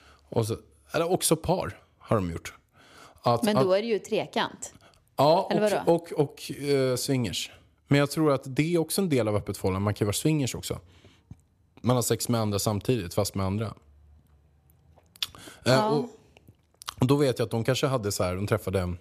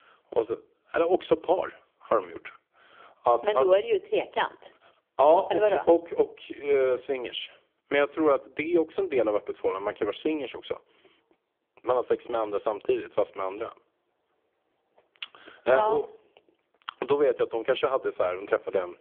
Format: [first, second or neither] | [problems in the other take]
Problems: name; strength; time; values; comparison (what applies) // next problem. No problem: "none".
first | phone-call audio; poor line; nothing above 3.5 kHz